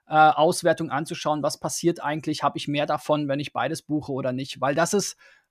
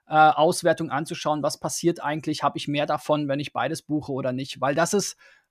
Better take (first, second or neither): neither